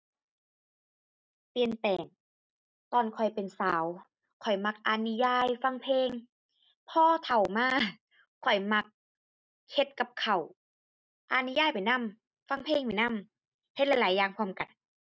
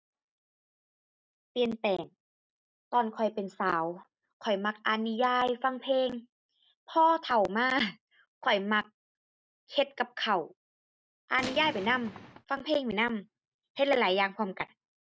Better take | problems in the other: first | background sound (Gunshot, gunfire); 11 dB below the speech

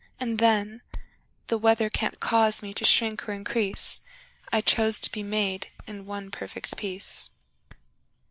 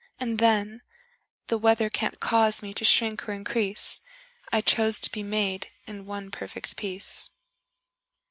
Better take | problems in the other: second | background sound (Hands); 16 dB below the speech

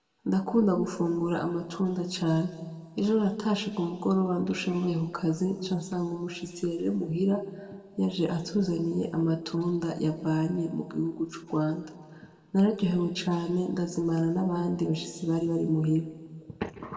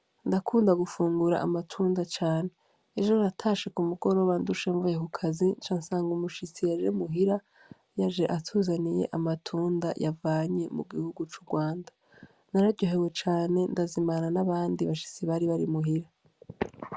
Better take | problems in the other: second | room echo; dies away in 1.5 s

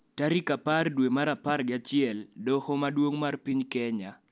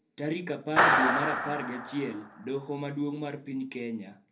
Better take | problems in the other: first | background sound (Clapping); 4 dB above the speech // room echo; dies away in 0.3 s

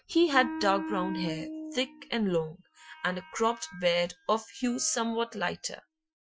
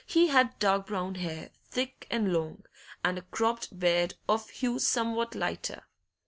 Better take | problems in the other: second | noise reduction (classical method Wiener filter)

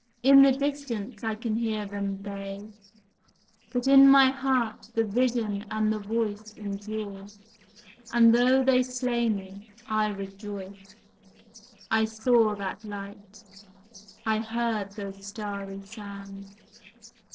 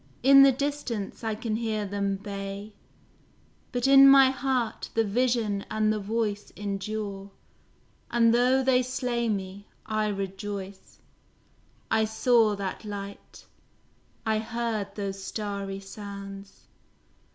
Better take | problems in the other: second | noise reduction (neural separator model SepFormer DNS4)

